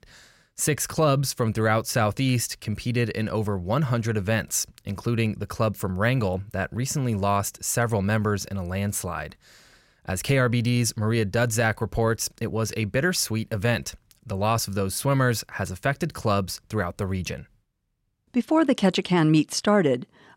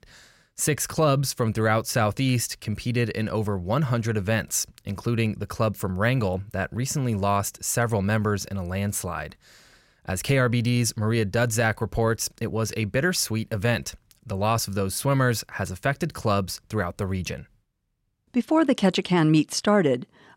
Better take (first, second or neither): neither